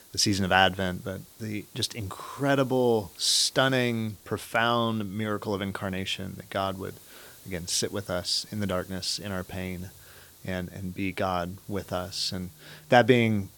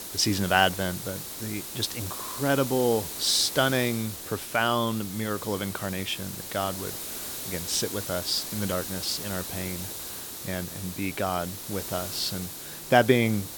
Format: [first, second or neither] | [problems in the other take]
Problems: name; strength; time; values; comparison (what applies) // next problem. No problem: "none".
first | hiss; loud; throughout; 7 dB below the speech; faint in the first